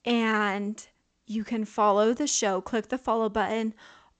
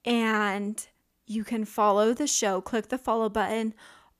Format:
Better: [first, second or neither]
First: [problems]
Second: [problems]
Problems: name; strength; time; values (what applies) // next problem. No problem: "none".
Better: second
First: garbled, watery; slightly; nothing above 7.5 kHz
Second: none